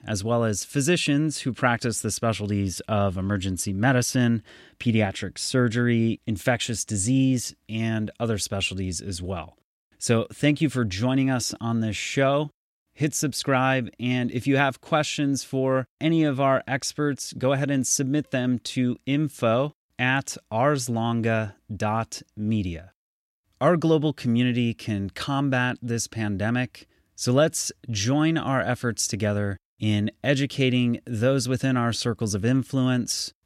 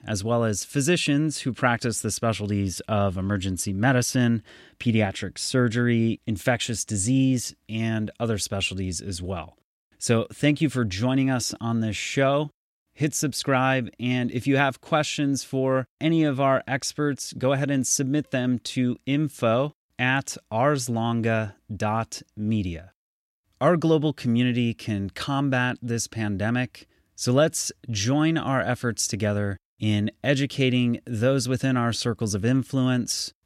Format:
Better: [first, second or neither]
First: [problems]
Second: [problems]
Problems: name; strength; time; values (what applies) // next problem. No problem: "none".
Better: neither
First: none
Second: none